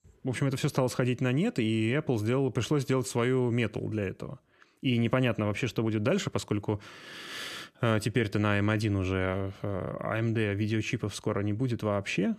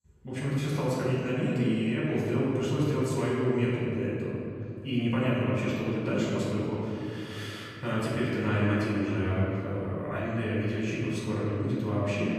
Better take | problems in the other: first | off-mic speech; far // room echo; strong; dies away in 2.7 s

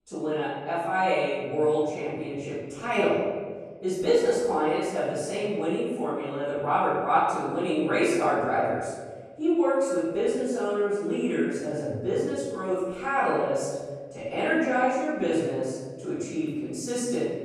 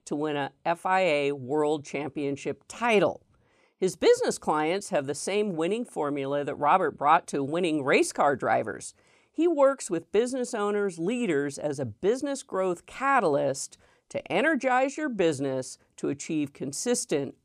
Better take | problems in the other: second | off-mic speech; far // room echo; strong; dies away in 1.5 s

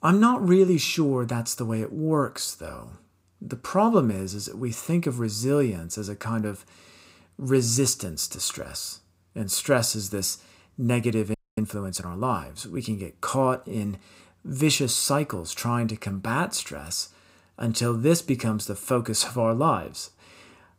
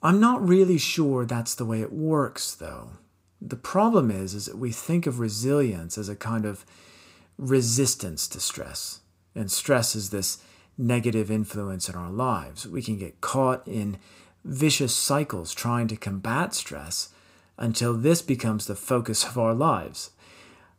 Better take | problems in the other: second | audio freezing; at 11 s

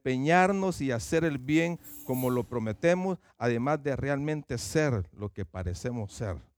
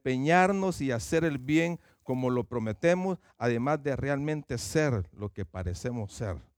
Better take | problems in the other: second | jangling keys; faint; from 2 to 3 s; peak 10 dB below the speech

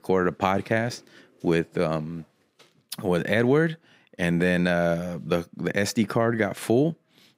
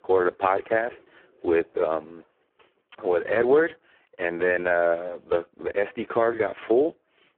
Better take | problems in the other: first | phone-call audio; poor line; nothing above 3.5 kHz

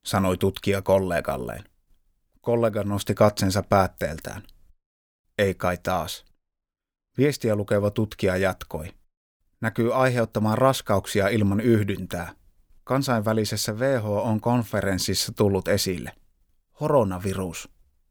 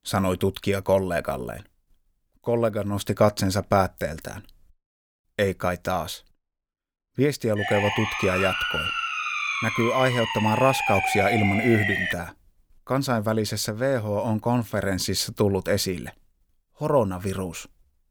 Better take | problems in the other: first | siren; loud; from 7.5 to 12 s; peak 1 dB above the speech

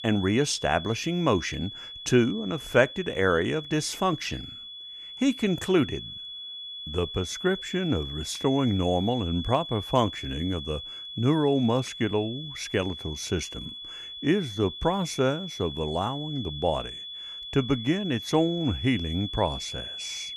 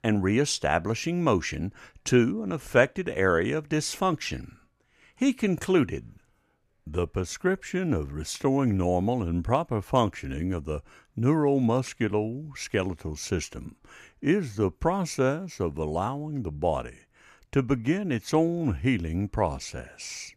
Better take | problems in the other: second | high-pitched whine; loud; throughout; 3.5 kHz, 9 dB below the speech

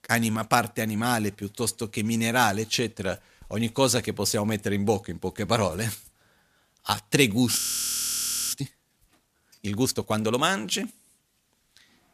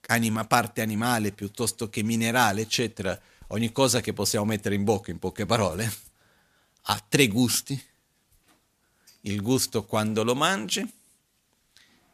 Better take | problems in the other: second | audio freezing; at 7.5 s for 1 s

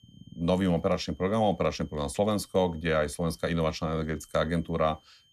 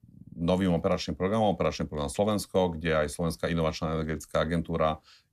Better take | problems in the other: second | high-pitched whine; faint; throughout; 3 kHz, 35 dB below the speech

